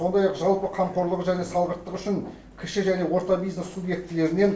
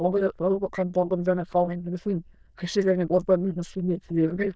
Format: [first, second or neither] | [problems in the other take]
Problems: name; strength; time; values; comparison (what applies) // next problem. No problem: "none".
first | noise reduction (neural diffusion model UNIVERSE++)